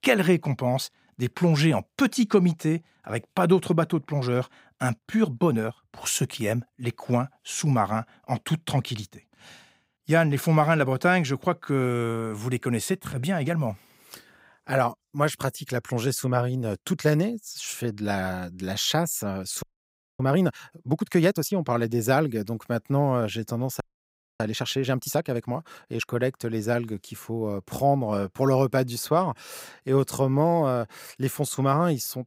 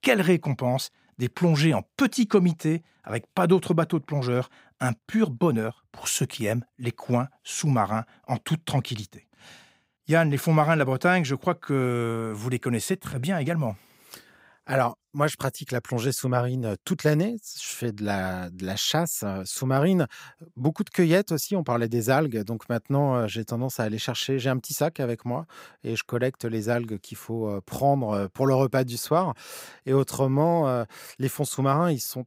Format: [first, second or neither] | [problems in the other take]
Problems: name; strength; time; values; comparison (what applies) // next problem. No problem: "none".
second | audio freezing; at 20 s for 0.5 s and at 24 s for 0.5 s